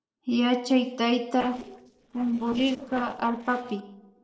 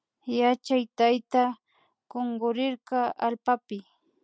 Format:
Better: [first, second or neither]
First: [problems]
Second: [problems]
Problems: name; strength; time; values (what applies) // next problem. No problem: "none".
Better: second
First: noise reduction (neural separator model SepFormer DNS4)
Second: none